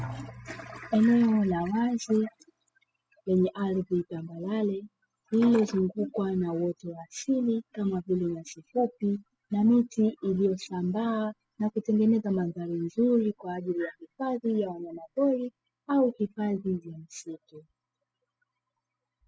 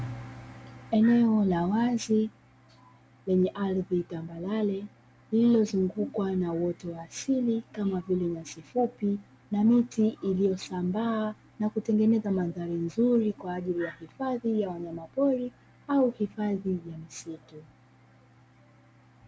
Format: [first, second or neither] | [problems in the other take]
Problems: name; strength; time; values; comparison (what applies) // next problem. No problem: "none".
second | noise reduction (classical method spectral subtraction)